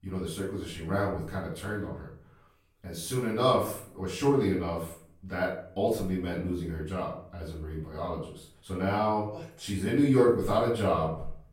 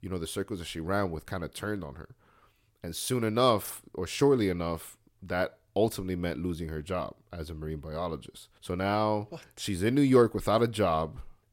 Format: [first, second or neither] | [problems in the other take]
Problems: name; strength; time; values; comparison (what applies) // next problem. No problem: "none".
second | off-mic speech; far // room echo; noticeable; dies away in 0.5 s